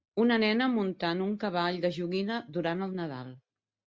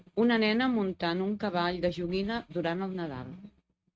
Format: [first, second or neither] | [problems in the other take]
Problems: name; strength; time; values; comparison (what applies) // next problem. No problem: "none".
first | noise reduction (neural mask model RNNoise)